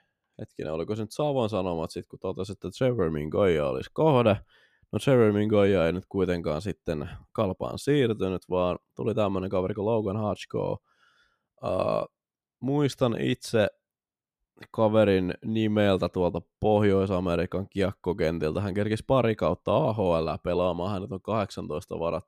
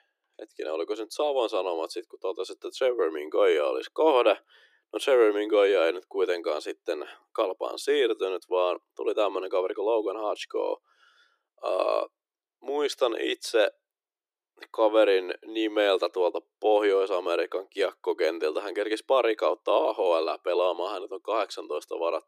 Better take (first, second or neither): first